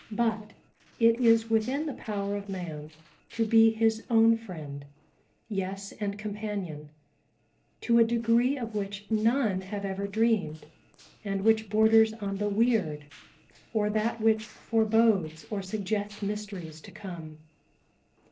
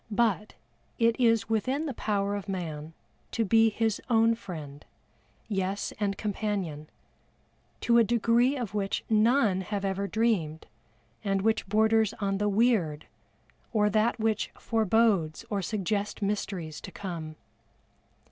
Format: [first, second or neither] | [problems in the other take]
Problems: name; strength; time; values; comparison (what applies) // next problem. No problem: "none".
second | noise reduction (neural separator model SepFormer DNS4)